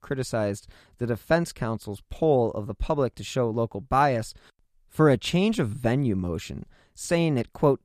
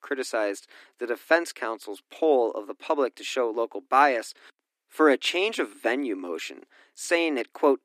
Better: first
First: none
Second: thin; somewhat; fading below 250 Hz

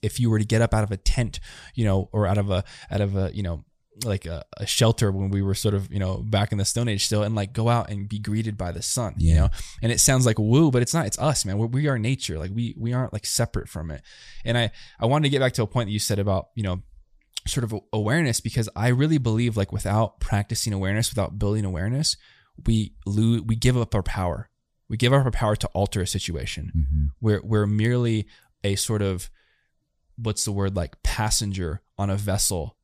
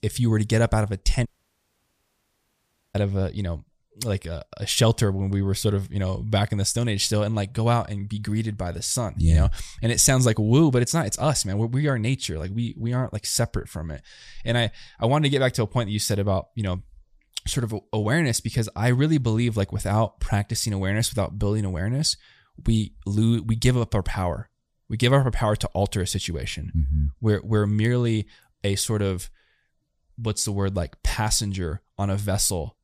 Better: first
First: none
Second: audio cutting out; at 1.5 s for 1.5 s

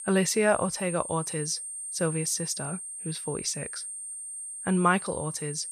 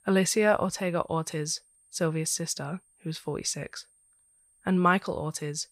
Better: second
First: high-pitched whine; loud; throughout; 8.5 kHz, 6 dB below the speech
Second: high-pitched whine; faint; throughout; 8.5 kHz, 35 dB below the speech

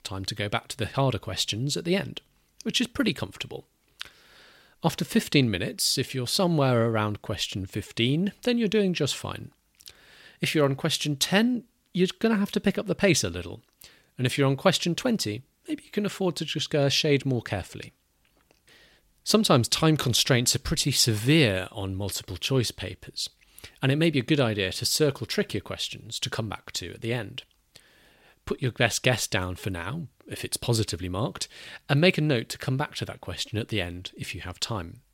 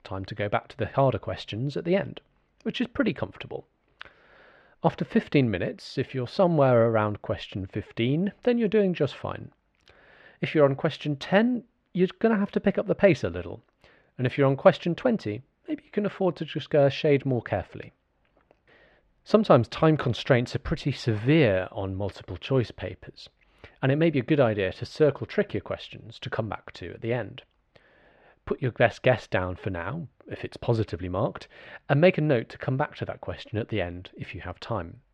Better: first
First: none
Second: muffled; very; fading above 2 kHz

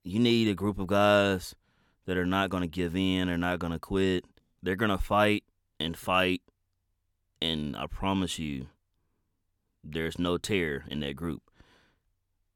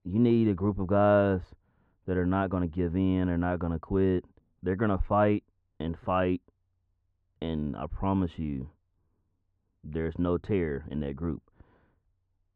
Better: first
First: none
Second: muffled; very; fading above 1 kHz

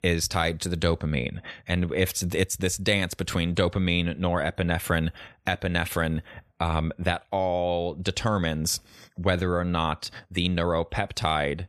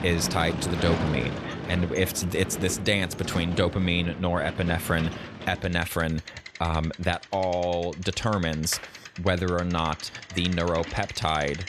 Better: first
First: none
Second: traffic noise; loud; throughout; 10 dB below the speech

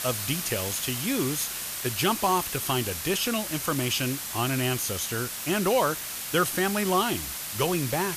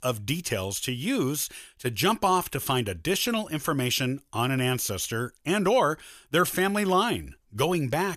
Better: second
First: hiss; loud; throughout; 4 dB below the speech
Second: none

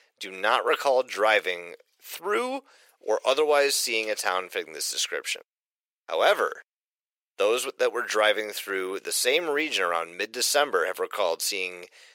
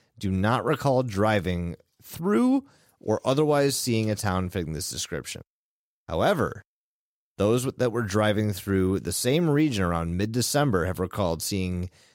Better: second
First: thin; very; fading below 450 Hz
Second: none

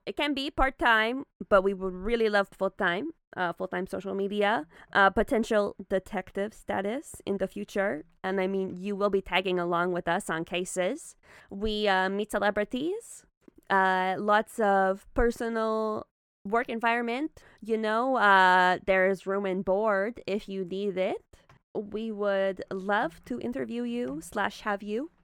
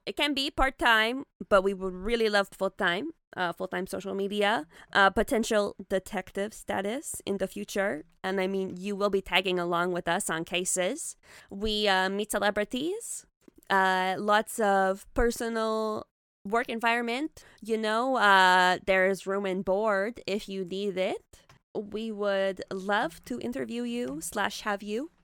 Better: second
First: muffled; slightly; fading above 3 kHz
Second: none

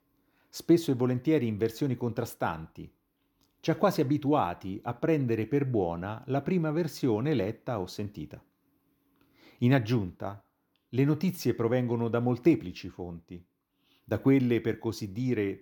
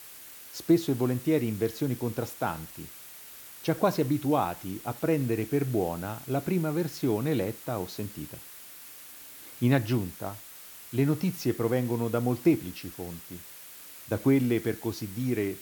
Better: first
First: none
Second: hiss; noticeable; throughout; 15 dB below the speech

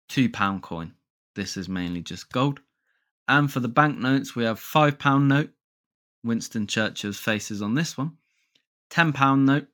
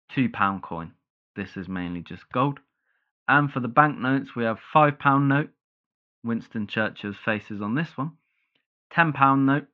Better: first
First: none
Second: muffled; very; fading above 2.5 kHz

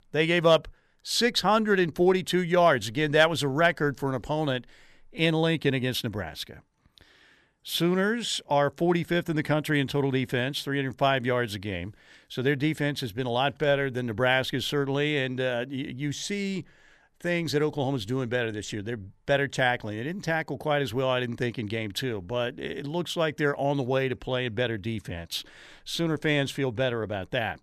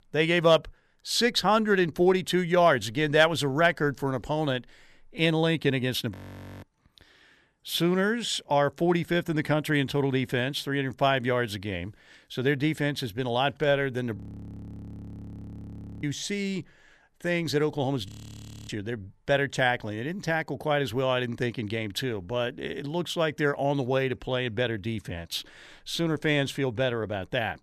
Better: first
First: none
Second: audio freezing; at 6 s, at 14 s for 2 s and at 18 s for 0.5 s

